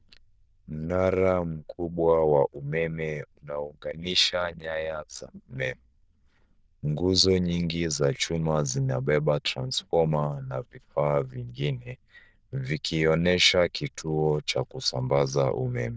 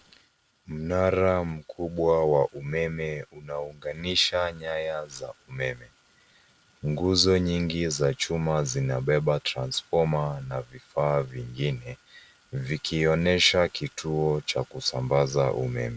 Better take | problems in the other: second | noise reduction (neural diffusion model UNIVERSE++)

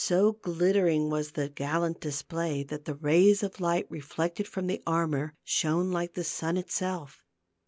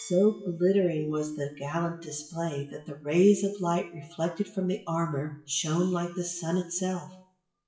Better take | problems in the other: first | noise reduction (classical method WPE with log-MMSE)

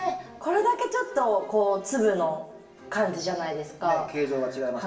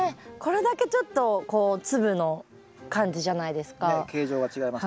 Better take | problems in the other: second | room echo; dies away in 0.8 s

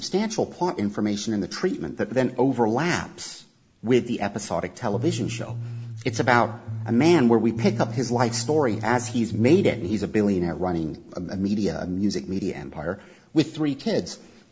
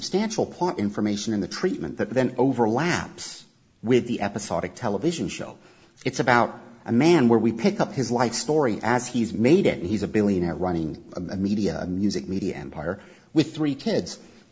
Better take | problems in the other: second | background sound (Bass guitar); 9 dB below the speech

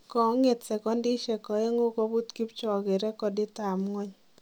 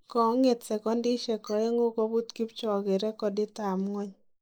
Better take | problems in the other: first | noise reduction (neural mask model Resemble Enhance denoiser)

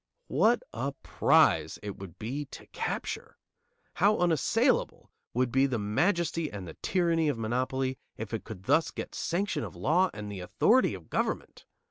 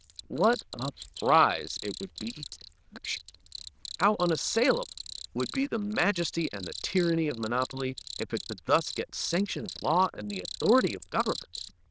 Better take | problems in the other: first | noise reduction (neural diffusion model UNIVERSE++)

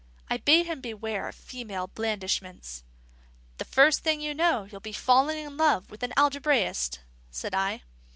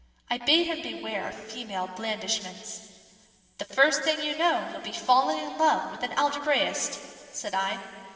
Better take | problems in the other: first | room echo; dies away in 2.9 s

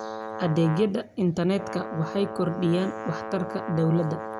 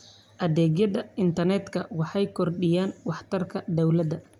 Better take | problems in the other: second | background sound (Brass instrument); 9 dB below the speech

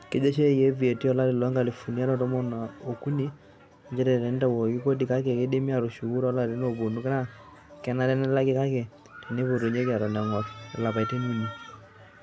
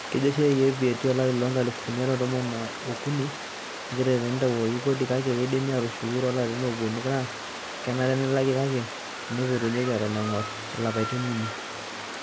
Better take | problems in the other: first | background sound (Water); 9 dB below the speech

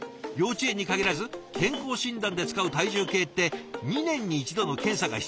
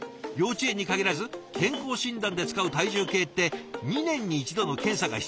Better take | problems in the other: second | background sound (Tap); 15 dB below the speech

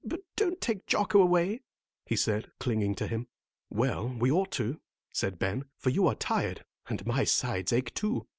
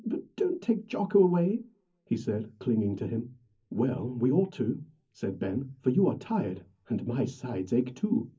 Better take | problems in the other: first | room echo; dies away in 0.4 s

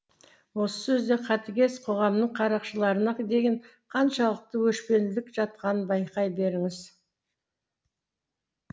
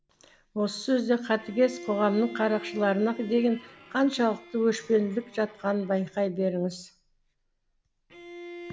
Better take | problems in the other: first | background sound (Bowed string instrument); 18 dB below the speech

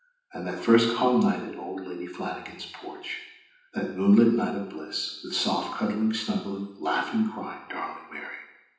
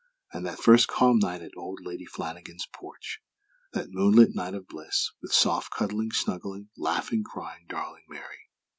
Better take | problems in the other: second | room echo; dies away in 0.9 s

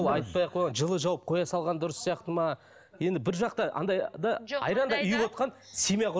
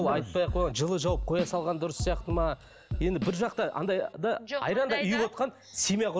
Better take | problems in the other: first | background sound (Drum kit); 6 dB below the speech

